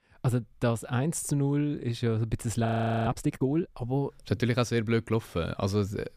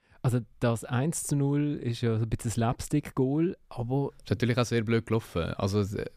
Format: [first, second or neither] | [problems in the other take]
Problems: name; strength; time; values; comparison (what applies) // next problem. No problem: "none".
second | audio freezing; at 2.5 s